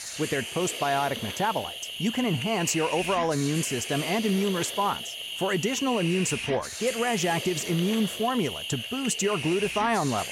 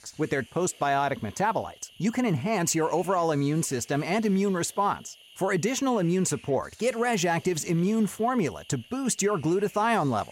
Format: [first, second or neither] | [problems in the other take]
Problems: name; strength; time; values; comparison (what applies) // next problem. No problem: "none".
second | hiss; loud; throughout; 5 dB below the speech; faint in the second